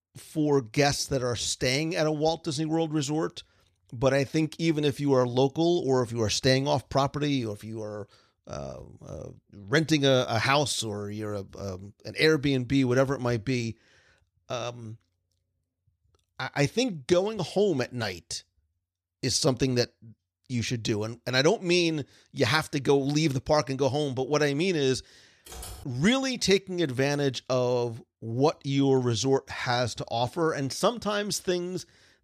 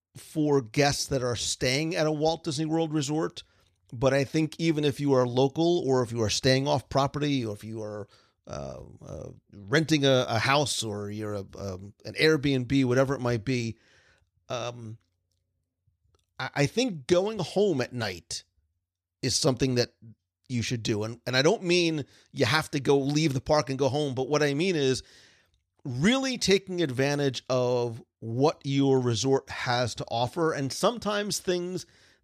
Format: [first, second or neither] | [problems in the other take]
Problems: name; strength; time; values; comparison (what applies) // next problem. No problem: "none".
second | keyboard typing; faint; at 25 s; peak 15 dB below the speech